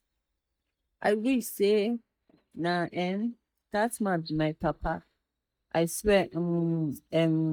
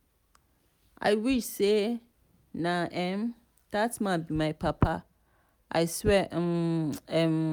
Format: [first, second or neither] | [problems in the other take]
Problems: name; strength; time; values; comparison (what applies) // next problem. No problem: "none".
second | noise reduction (neural mask model DeepFilterNet 3)